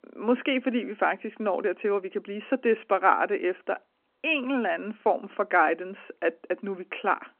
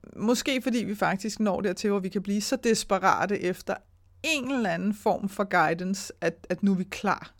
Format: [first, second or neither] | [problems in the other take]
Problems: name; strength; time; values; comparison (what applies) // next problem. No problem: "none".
second | phone-call audio